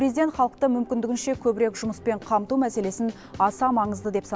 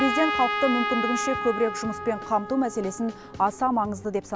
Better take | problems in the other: first | background sound (Trumpet); 5 dB below the speech

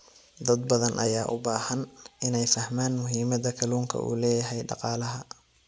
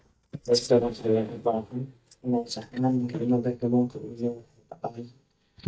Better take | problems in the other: first | noise reduction (neural mask model DeepFilterNet 3)

